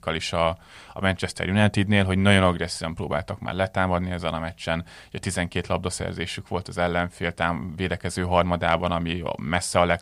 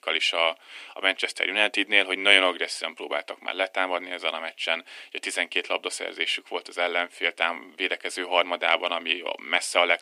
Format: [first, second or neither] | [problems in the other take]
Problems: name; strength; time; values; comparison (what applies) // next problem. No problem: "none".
first | thin; very; fading below 300 Hz